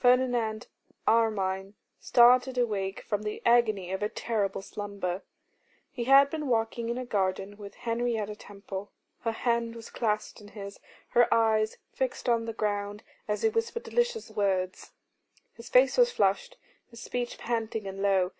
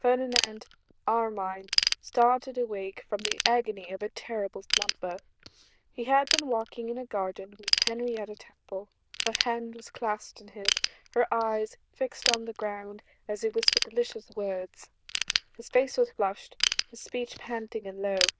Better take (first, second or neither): first